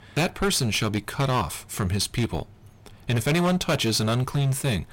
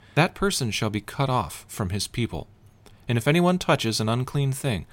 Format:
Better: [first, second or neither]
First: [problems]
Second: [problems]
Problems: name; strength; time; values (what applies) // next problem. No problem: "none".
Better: second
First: distortion; heavy; 14% of the sound clipped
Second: none